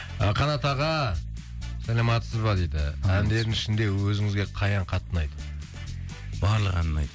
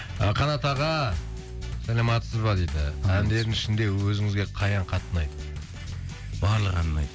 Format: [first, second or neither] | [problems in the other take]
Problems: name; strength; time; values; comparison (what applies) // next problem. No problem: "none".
first | background sound (Bass drum / Snare drum / Drum kit); 18 dB below the speech